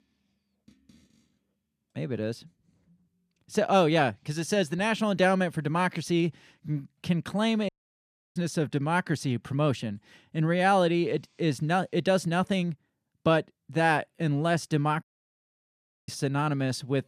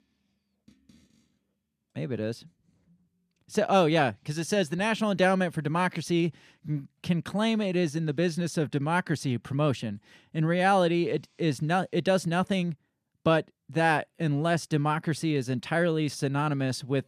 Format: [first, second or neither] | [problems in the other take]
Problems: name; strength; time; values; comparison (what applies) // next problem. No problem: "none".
second | audio cutting out; at 7.5 s for 0.5 s and at 15 s for 1 s